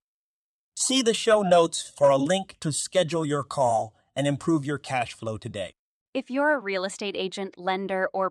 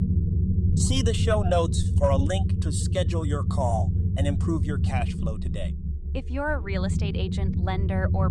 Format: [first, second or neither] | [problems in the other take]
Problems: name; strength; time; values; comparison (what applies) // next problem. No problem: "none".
first | low rumble; loud; throughout; 9 dB below the speech